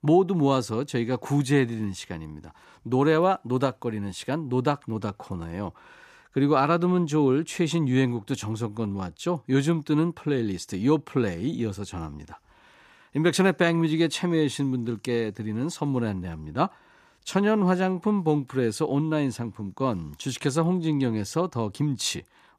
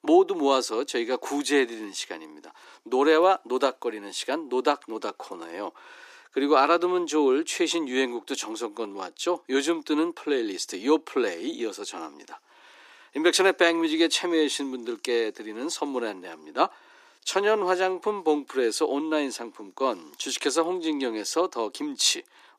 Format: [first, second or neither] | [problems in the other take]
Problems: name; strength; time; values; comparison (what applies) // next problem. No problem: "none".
first | thin; somewhat; fading below 300 Hz